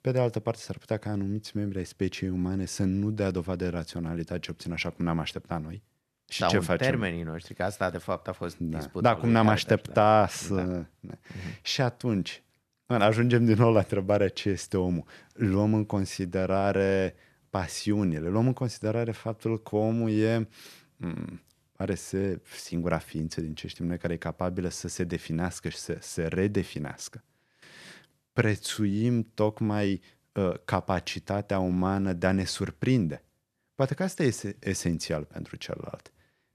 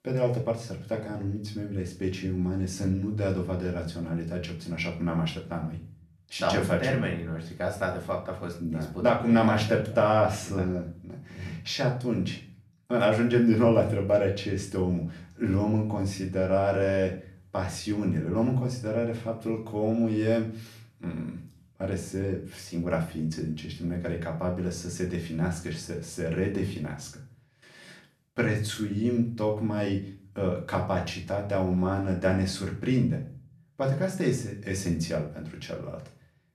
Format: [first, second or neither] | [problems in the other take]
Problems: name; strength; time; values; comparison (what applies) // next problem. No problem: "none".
first | room echo; slight; dies away in 0.4 s // off-mic speech; far